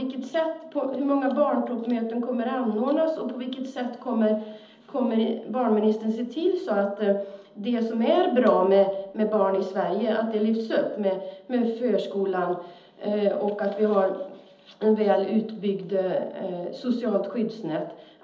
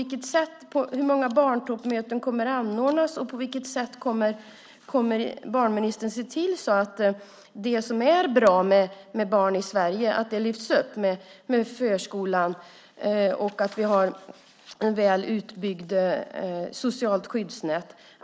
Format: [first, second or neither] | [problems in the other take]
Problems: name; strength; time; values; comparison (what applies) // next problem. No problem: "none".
second | room echo; dies away in 1.2 s